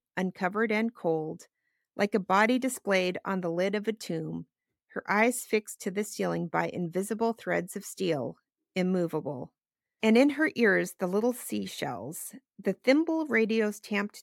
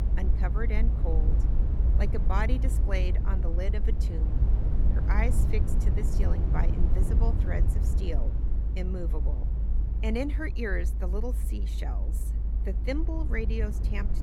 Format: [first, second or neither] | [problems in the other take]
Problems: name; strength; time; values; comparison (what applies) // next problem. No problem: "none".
first | low rumble; loud; throughout; 7 dB below the speech